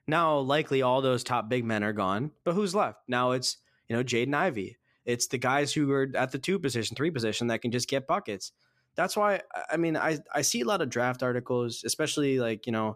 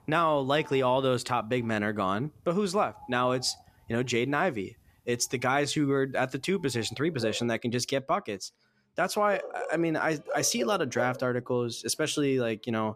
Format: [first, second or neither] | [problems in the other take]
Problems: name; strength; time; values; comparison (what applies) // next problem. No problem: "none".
first | animal sounds; noticeable; throughout; 15 dB below the speech